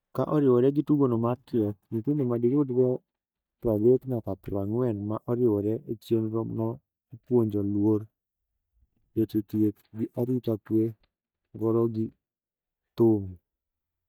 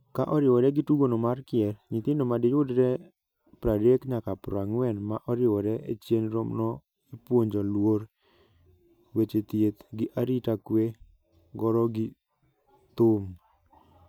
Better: second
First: noise reduction (neural mask model DeepFilterNet 3)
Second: none

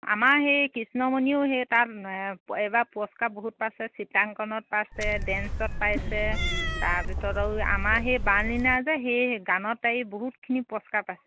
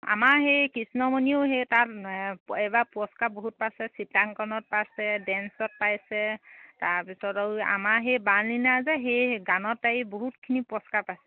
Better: second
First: background sound (Cat); 2 dB below the speech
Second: none

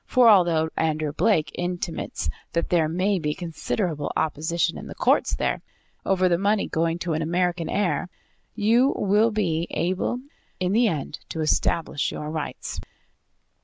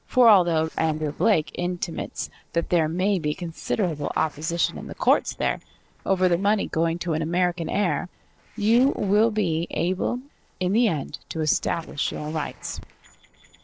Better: first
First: none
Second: noise reduction (neural separator model SepFormer DNS4)

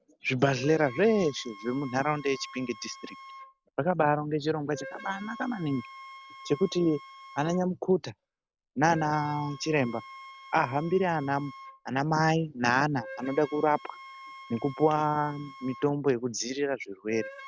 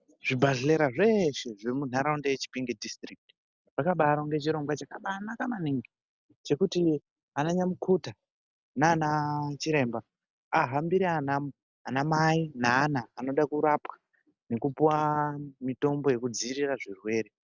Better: second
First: background sound (Wind instrument, woodwind instrument); 18 dB below the speech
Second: none

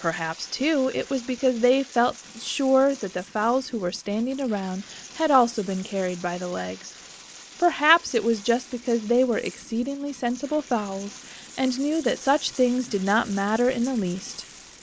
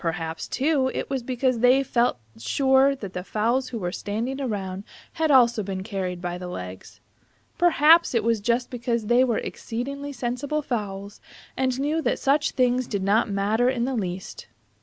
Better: second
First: noise reduction (neural mask model Resemble Enhance denoiser)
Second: none

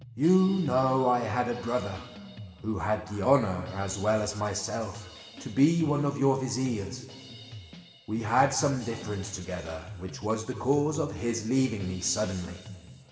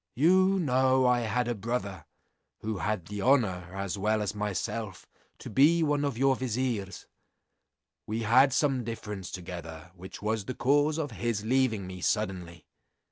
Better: second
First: background sound (Drum kit); 17 dB below the speech // room echo; dies away in 2.2 s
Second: none

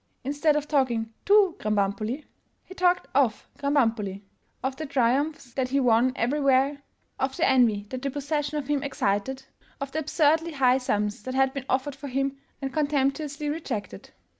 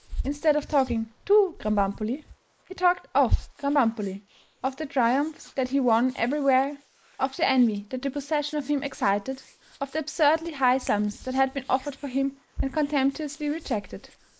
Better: first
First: none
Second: noise reduction (neural mask model Resemble Enhance denoiser)

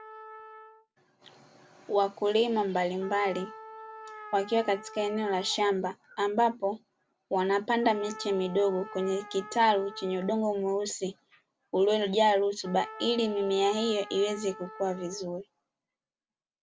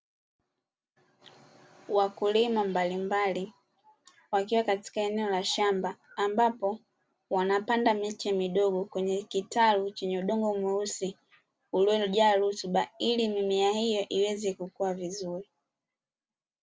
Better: second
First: background sound (Trumpet); 18 dB below the speech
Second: none

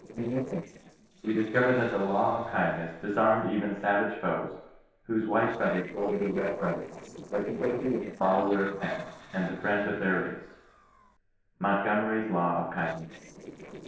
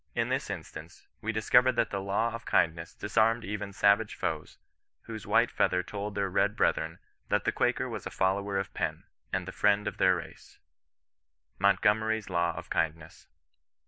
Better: second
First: noise reduction (neural separator model SepFormer DNS4)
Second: none

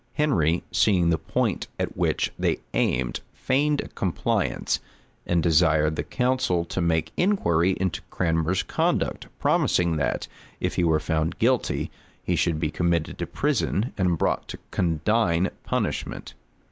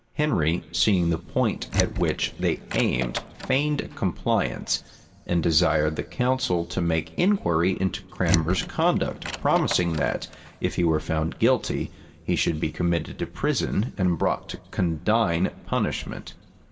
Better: first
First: none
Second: background sound (Door); 8 dB below the speech // room echo; dies away in 1.1 s

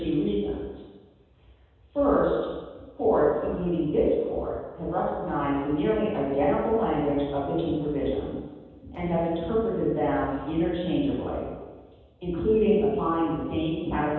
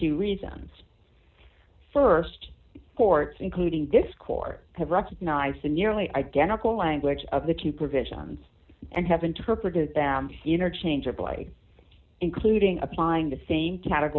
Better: second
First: room echo; dies away in 1.2 s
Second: none

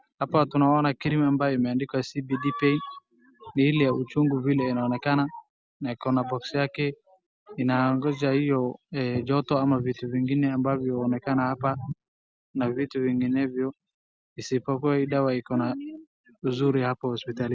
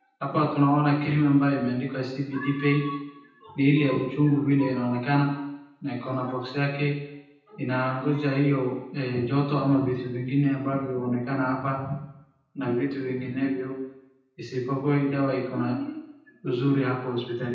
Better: first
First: none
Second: room echo; dies away in 0.9 s

